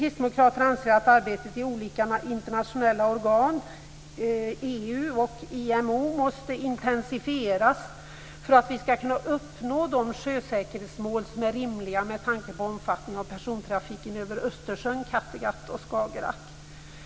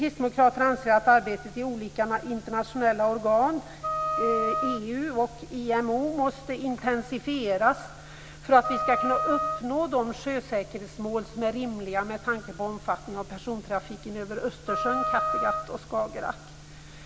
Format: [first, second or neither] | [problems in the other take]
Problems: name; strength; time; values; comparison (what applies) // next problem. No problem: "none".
first | background sound (Wind instrument, woodwind instrument); 3 dB below the speech